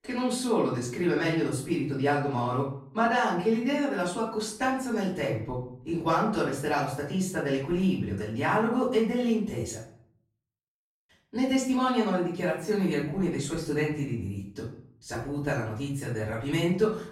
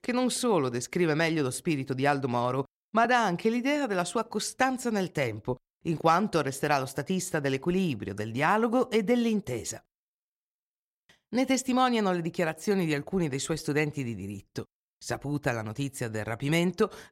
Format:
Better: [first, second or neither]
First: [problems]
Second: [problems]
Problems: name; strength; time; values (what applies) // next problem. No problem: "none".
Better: second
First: off-mic speech; far // room echo; noticeable; dies away in 0.5 s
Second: none